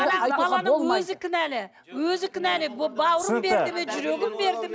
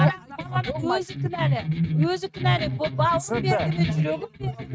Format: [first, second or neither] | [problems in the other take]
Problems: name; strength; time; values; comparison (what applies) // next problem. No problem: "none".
first | noise reduction (neural mask model RNNoise)